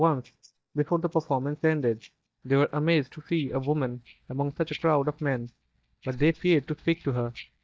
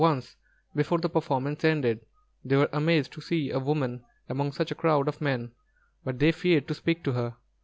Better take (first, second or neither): second